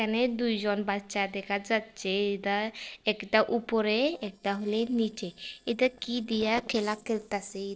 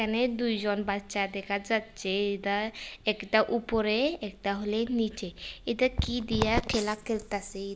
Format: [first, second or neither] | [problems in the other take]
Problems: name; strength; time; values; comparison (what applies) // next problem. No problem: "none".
second | noise reduction (neural separator model SepFormer DNS4)